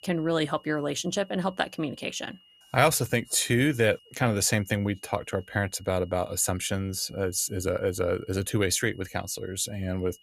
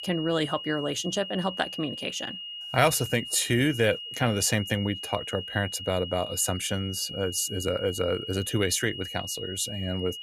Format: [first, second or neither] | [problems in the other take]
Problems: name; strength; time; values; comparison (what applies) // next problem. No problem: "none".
first | high-pitched whine; loud; throughout; 3 kHz, 8 dB below the speech; faint in the first